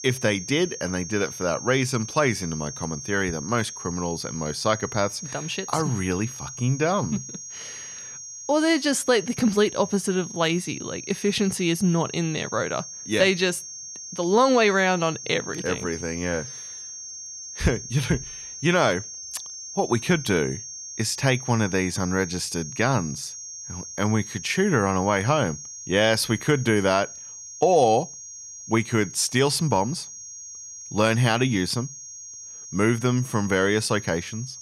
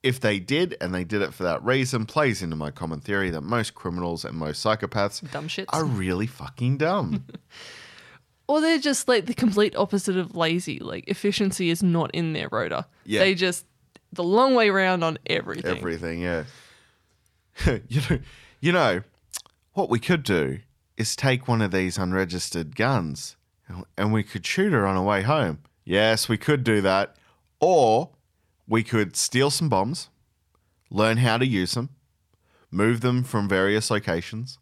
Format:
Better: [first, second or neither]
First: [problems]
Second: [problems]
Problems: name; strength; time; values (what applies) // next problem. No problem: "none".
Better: second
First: high-pitched whine; noticeable; throughout; 6.5 kHz, 10 dB below the speech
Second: none